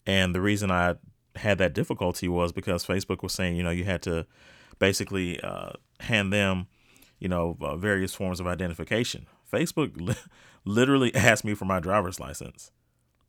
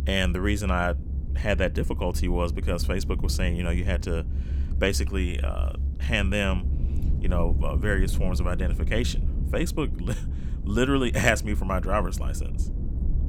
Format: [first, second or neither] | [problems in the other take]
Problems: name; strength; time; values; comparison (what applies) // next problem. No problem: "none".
first | low rumble; noticeable; throughout; 15 dB below the speech